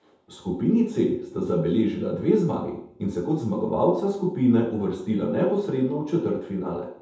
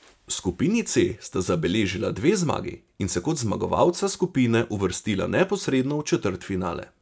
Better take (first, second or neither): second